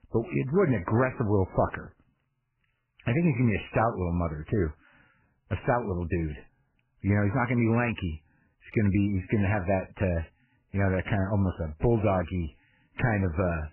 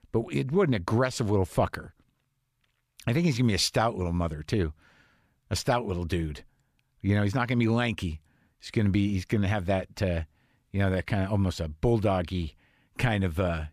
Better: second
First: garbled, watery; badly; nothing above 3 kHz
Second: none

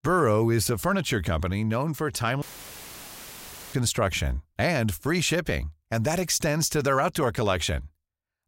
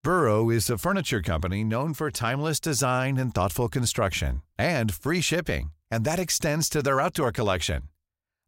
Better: second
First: audio cutting out; filled with static; at 2.5 s for 1.5 s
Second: none

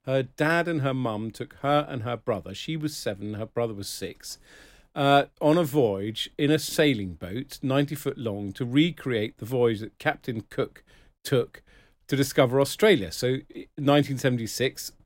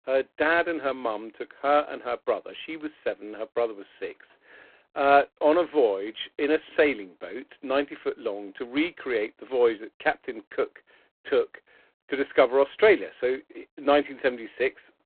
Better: first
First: none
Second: phone-call audio; poor line; nothing above 3.5 kHz

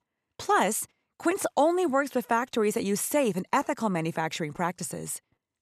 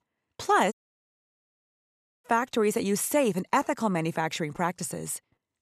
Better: first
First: none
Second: audio cutting out; at 0.5 s for 1.5 s

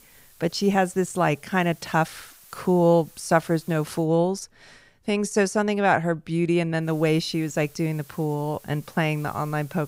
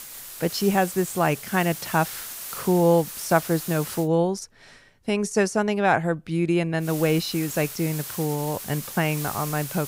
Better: first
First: hiss; faint; until 4 s and from 7 s on; 25 dB below the speech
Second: hiss; loud; until 4 s and from 7 s on; 10 dB below the speech

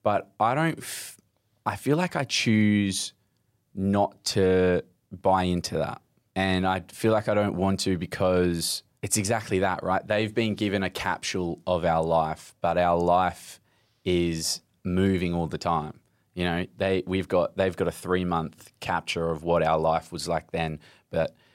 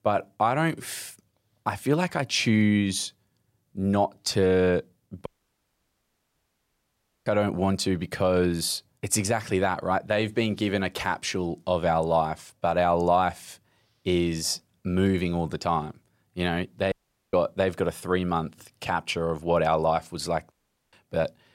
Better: first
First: none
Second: audio cutting out; at 5.5 s for 2 s, at 17 s and at 21 s

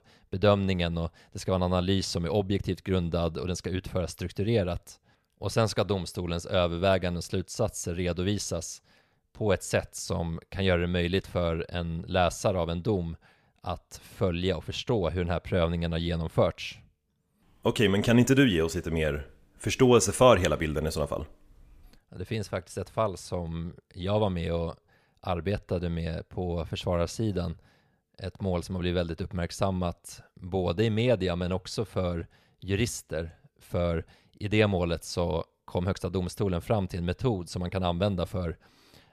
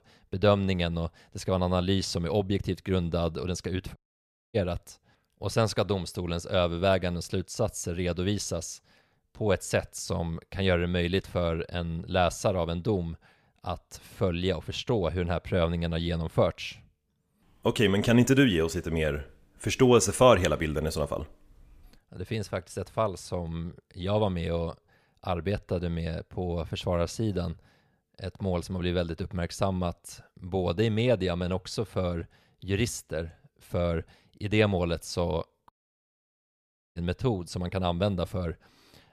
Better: first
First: none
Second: audio cutting out; at 4 s for 0.5 s and at 36 s for 1.5 s

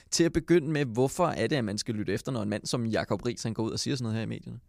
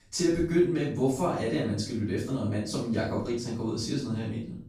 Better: first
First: none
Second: off-mic speech; far // room echo; noticeable; dies away in 0.5 s

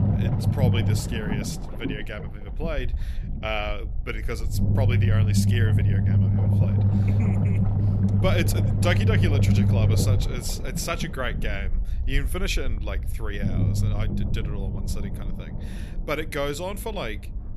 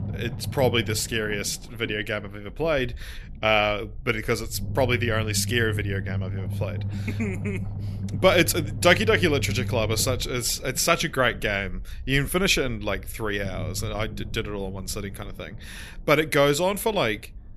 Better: second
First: low rumble; loud; throughout; 3 dB below the speech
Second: low rumble; faint; throughout; 20 dB below the speech

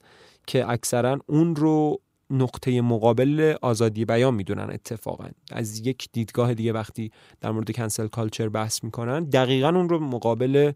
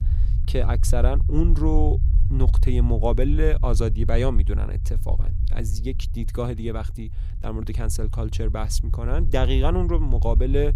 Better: first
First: none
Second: low rumble; noticeable; throughout; 15 dB below the speech

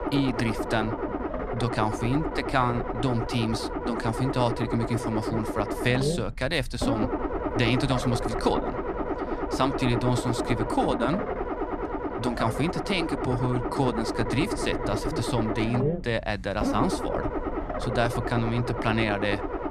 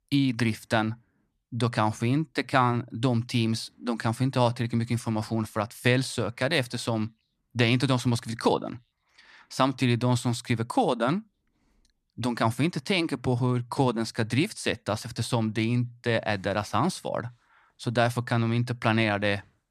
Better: second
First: low rumble; loud; throughout; 2 dB below the speech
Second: none

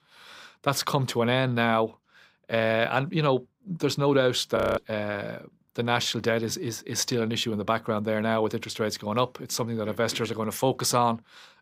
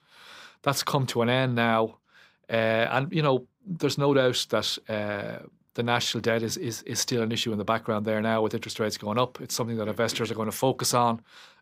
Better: second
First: audio freezing; at 4.5 s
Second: none

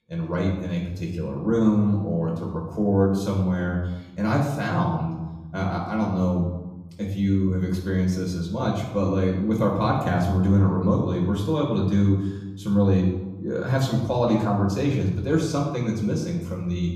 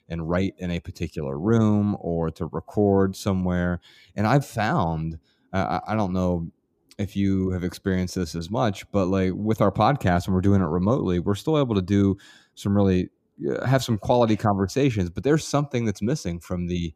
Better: second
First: off-mic speech; far // room echo; noticeable; dies away in 0.9 s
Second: none

